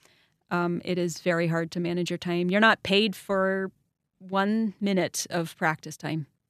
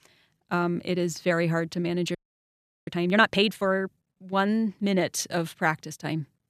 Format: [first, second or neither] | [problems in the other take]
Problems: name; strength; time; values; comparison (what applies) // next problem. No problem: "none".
first | audio freezing; at 2 s for 0.5 s